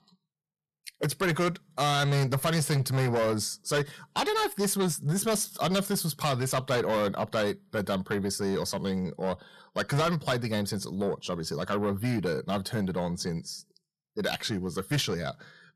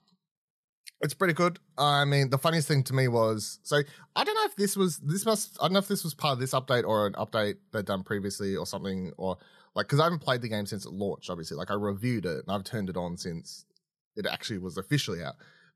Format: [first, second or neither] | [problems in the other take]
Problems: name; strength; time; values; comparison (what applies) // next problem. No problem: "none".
second | distortion; heavy; 8 dB below the speech